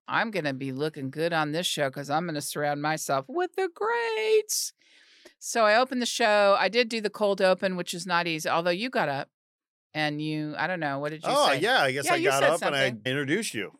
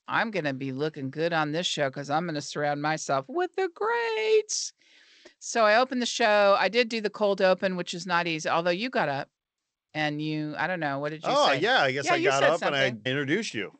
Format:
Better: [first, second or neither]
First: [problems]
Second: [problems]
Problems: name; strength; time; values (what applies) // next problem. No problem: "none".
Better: first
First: none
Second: garbled, watery; slightly; nothing above 8 kHz